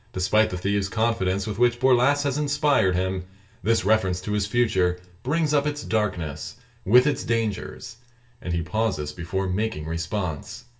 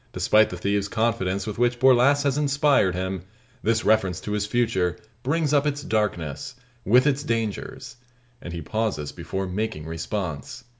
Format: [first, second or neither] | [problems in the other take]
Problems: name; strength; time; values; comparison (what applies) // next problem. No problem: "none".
second | room echo; dies away in 0.2 s